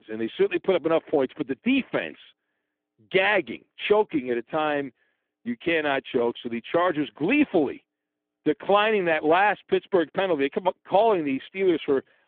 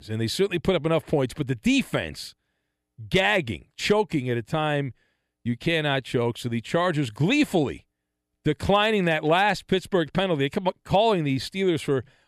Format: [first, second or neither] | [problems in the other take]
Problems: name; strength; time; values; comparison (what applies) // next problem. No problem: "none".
second | phone-call audio; poor line; nothing above 3.5 kHz